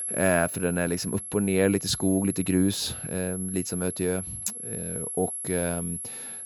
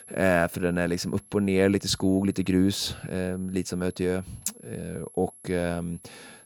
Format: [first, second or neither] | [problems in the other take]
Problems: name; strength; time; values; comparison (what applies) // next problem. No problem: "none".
second | high-pitched whine; loud; throughout; 11 kHz, 6 dB below the speech; faint in the second